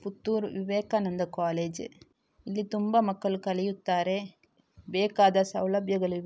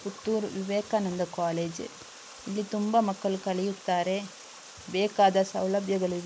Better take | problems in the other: first | background sound (Water); 18 dB below the speech

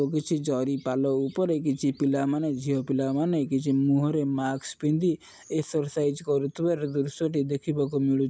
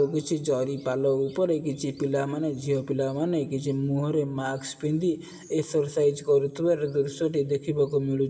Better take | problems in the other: first | room echo; dies away in 1.5 s

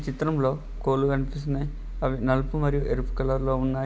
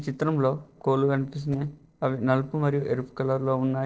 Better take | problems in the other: first | noise reduction (neural separator model SepFormer DNS4)

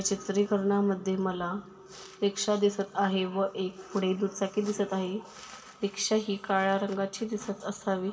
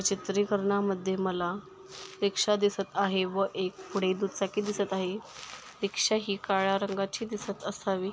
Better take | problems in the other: second | room echo; dies away in 1.1 s

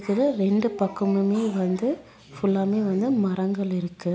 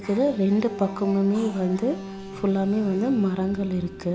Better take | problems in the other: first | background sound (Alarm); 13 dB below the speech

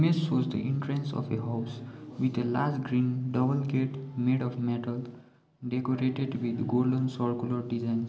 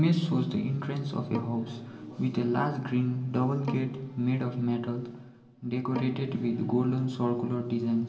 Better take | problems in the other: first | background sound (Bowed string instrument); 15 dB below the speech // room echo; dies away in 1.3 s

